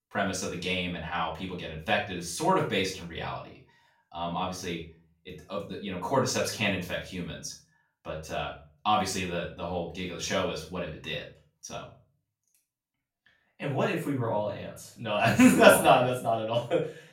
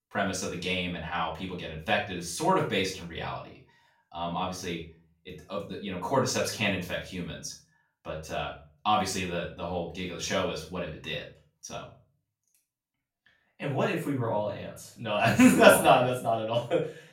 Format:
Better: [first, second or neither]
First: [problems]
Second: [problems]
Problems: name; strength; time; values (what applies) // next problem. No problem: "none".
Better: neither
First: room echo; slight; dies away in 0.4 s // off-mic speech; far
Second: room echo; slight; dies away in 0.4 s // off-mic speech; far